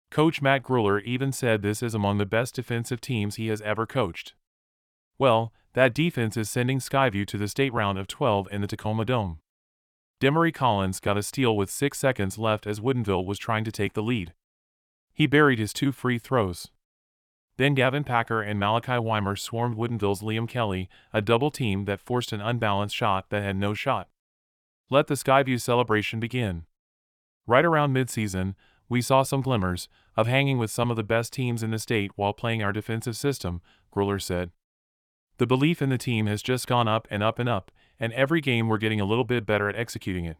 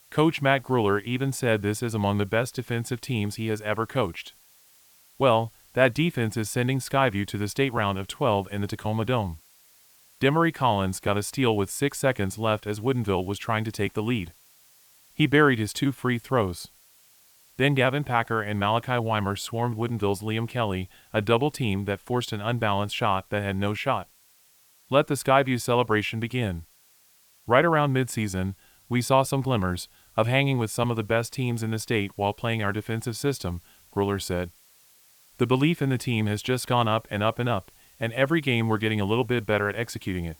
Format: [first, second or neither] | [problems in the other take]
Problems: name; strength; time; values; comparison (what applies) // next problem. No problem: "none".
first | hiss; faint; throughout; 30 dB below the speech